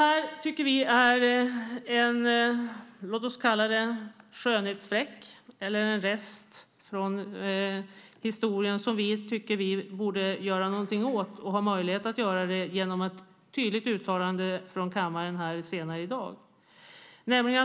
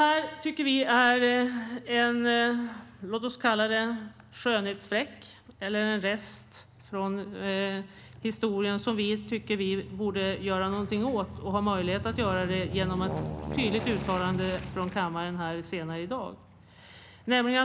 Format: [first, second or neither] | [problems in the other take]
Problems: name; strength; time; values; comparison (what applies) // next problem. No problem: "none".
first | background sound (Aircraft); 13 dB below the speech